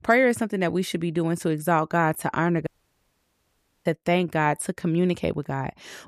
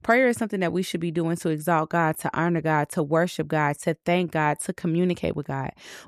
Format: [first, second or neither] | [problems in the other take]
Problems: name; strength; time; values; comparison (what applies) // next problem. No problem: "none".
second | audio cutting out; at 2.5 s for 1 s